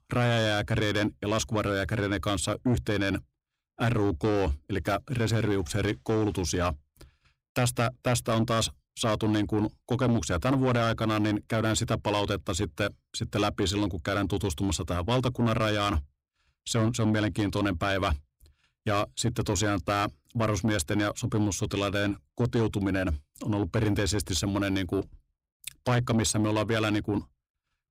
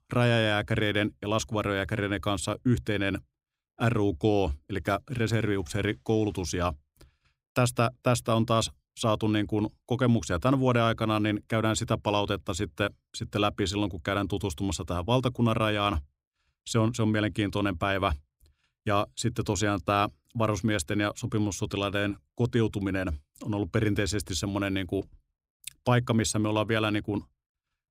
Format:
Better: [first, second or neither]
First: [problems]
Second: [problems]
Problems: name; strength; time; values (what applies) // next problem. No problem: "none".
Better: second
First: distortion; heavy; 8 dB below the speech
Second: none